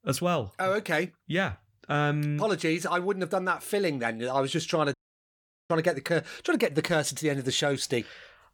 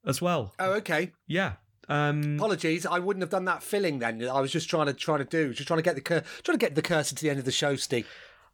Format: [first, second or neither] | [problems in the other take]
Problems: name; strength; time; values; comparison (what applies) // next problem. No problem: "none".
second | audio cutting out; at 5 s for 1 s